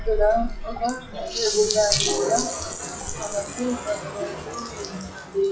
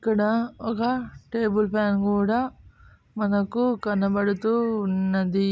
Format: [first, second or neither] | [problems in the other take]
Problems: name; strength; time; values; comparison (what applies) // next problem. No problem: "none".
second | noise reduction (classical method WPE with log-MMSE)